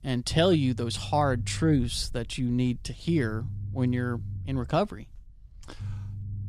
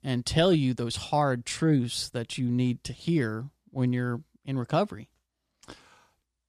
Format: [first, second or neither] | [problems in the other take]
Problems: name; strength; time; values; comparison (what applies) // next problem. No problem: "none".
second | low rumble; faint; throughout; 20 dB below the speech